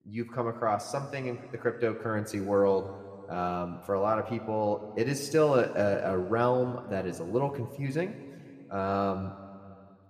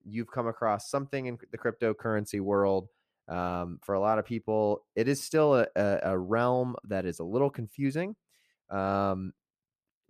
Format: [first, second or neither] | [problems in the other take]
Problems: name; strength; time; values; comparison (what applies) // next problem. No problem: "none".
second | room echo; very slight; dies away in 1.8 s